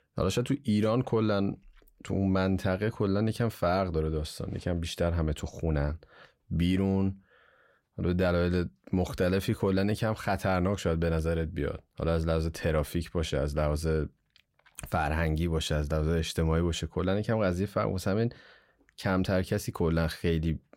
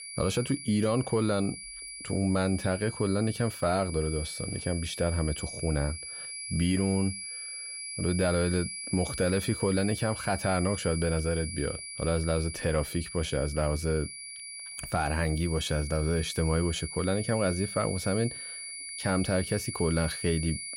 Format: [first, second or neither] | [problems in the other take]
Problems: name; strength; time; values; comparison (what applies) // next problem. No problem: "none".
first | high-pitched whine; loud; throughout; 10 kHz, 8 dB below the speech